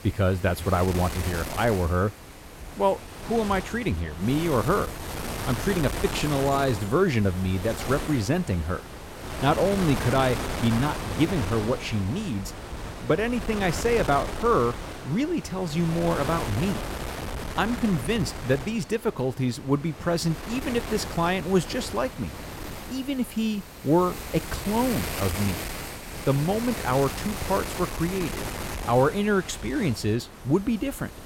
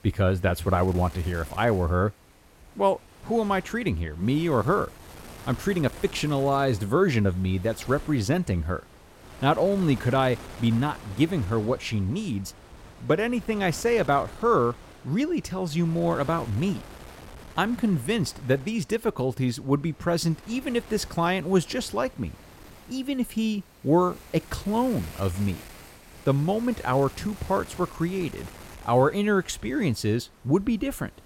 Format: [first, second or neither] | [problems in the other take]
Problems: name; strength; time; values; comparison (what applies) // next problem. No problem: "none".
second | wind noise on the microphone; heavy; 7 dB below the speech; occasional gusts in the second